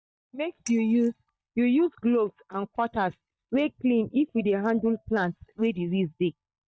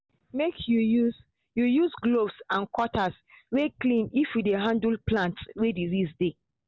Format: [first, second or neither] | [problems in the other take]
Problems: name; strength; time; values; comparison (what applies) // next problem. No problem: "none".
second | noise reduction (neural mask model DeepFilterNet 3)